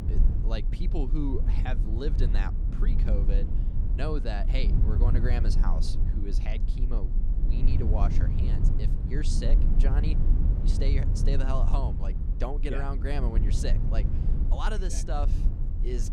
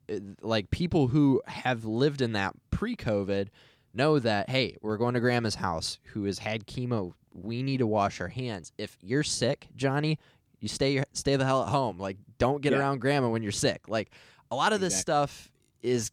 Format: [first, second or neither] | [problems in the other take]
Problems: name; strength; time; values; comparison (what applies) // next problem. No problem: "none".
second | low rumble; loud; throughout; 6 dB below the speech